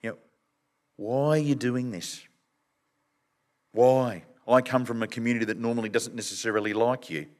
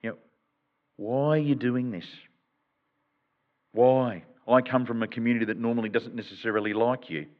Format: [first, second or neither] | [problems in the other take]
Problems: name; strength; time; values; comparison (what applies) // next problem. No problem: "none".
first | muffled; very; fading above 3.5 kHz